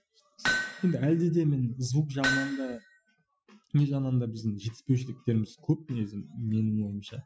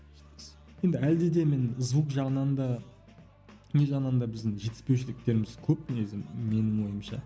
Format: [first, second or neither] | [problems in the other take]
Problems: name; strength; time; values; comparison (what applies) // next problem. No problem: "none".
second | noise reduction (classical method Wiener filter)